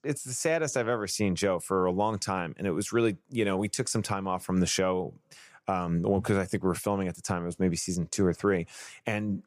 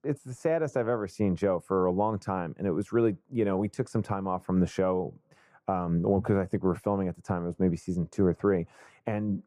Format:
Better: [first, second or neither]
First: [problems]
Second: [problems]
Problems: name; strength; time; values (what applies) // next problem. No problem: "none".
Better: first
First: none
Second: muffled; very; fading above 2 kHz